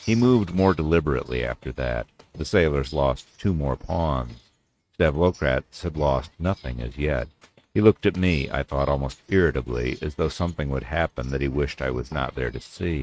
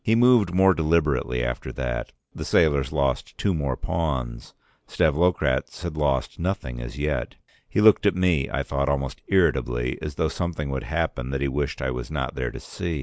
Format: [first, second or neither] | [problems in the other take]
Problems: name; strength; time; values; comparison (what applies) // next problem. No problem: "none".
second | noise reduction (neural mask model RNNoise)